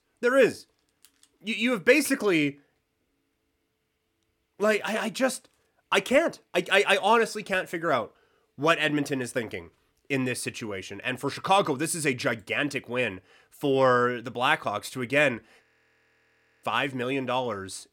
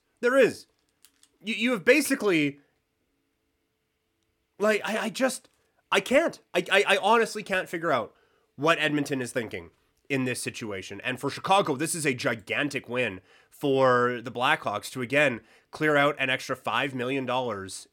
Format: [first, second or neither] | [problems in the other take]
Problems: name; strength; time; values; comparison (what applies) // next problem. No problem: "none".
second | audio freezing; at 16 s for 1 s